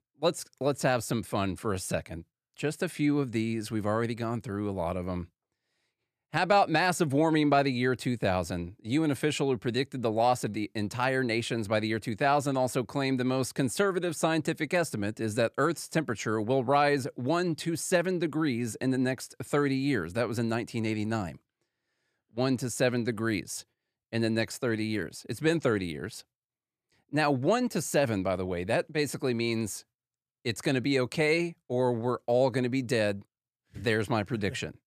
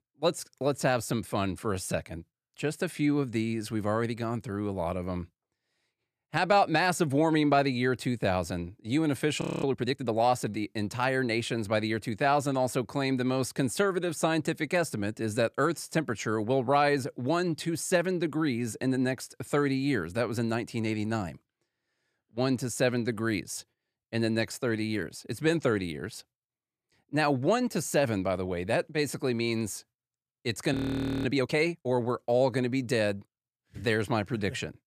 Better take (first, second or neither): first